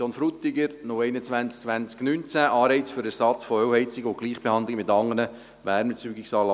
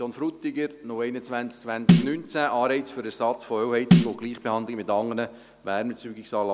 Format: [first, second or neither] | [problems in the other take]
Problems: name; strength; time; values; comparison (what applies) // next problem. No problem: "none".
first | background sound (Snare drum); 5 dB above the speech